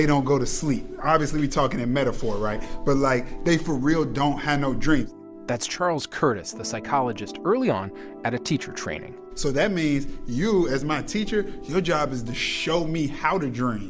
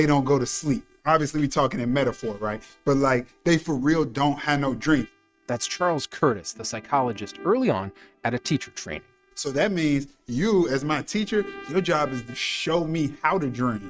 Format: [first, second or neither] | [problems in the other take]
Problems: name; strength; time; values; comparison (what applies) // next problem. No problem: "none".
first | noise reduction (neural mask model RNNoise)